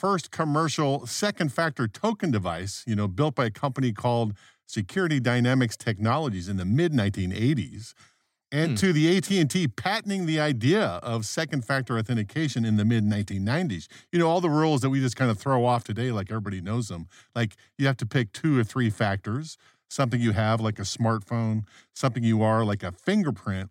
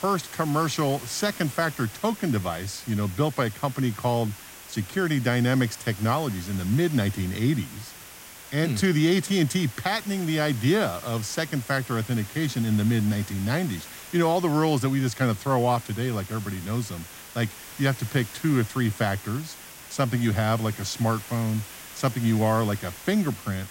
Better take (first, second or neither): first